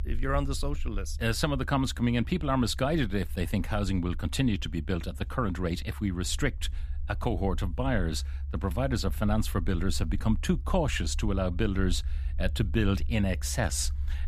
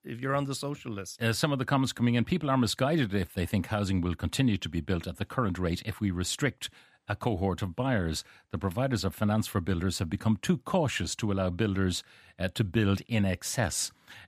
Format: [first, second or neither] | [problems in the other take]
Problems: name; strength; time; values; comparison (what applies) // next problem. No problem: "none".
second | low rumble; faint; throughout; 25 dB below the speech